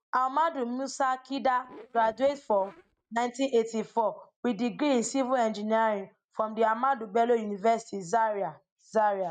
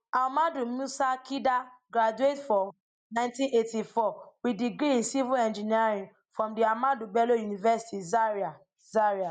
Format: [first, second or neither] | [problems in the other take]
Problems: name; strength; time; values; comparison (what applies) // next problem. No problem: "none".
second | noise reduction (neural mask model RNNoise)